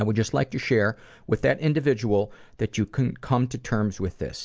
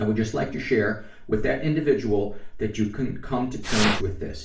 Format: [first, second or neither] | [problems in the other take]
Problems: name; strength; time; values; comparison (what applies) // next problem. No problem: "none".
first | background sound (Fire); 1 dB below the speech // room echo; dies away in 0.4 s